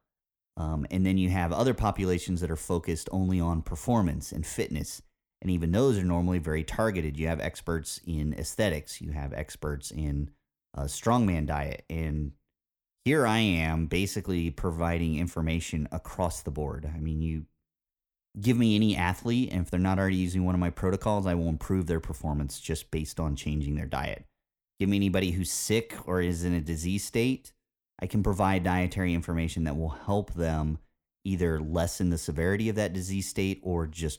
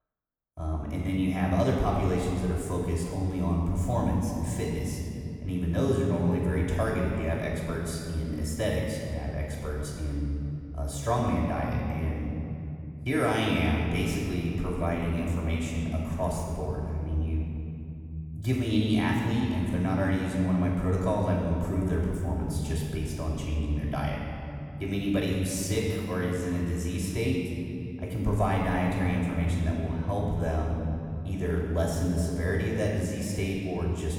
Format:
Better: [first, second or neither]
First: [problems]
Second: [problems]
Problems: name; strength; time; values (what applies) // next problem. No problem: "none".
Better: first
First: none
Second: off-mic speech; far // room echo; noticeable; dies away in 2.9 s